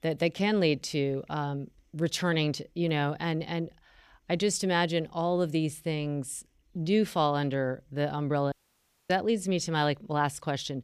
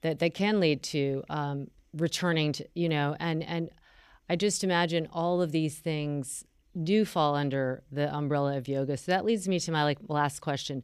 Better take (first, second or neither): second